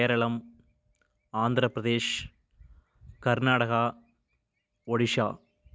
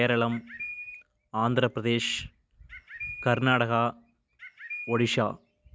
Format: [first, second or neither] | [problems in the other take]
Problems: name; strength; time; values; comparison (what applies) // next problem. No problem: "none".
first | background sound (Bird); 11 dB below the speech